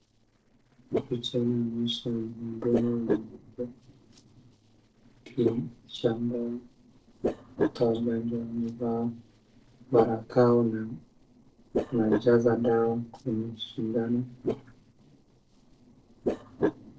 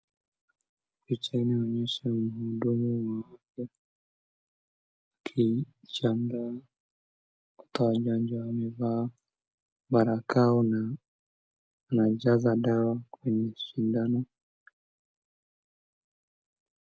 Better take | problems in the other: second | noise reduction (neural separator model SepFormer DNS4)

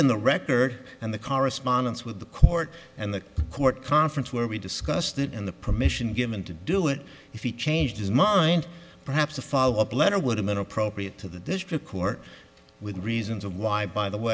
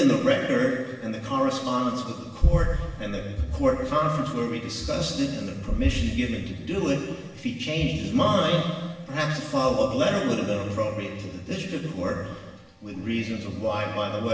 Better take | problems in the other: first | room echo; dies away in 1.3 s

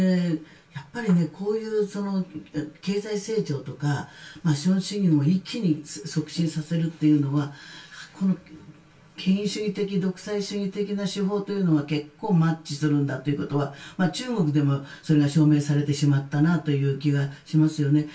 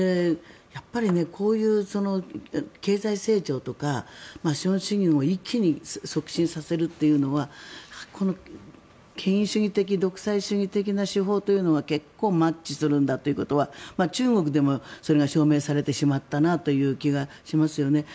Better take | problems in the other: second | room echo; dies away in 0.2 s

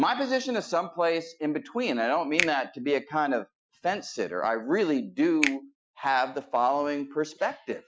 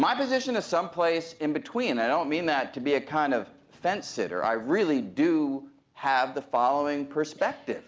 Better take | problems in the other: second | noise reduction (classical method Wiener filter)

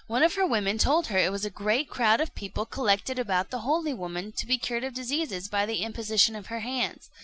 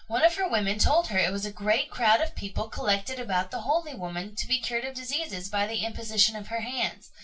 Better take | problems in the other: first | room echo; dies away in 0.2 s

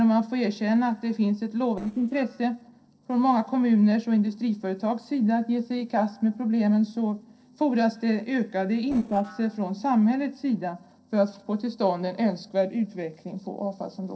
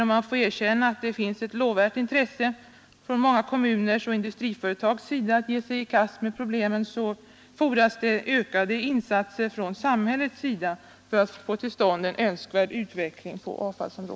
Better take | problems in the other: second | noise reduction (neural separator model SepFormer DNS4)

